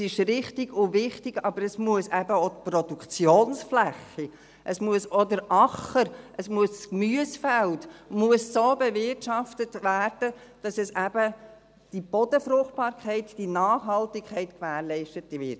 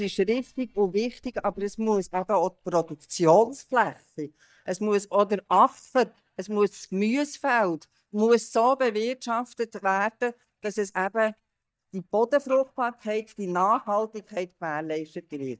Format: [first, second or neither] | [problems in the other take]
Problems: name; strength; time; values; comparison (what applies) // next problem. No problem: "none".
first | noise reduction (neural mask model DeepFilterNet 3)